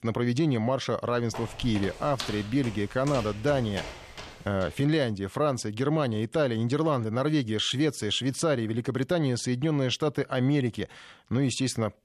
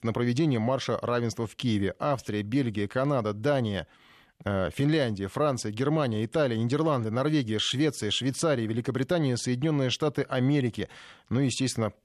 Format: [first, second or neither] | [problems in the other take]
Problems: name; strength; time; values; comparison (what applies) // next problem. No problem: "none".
second | footsteps; noticeable; from 1.5 to 4.5 s; peak 8 dB below the speech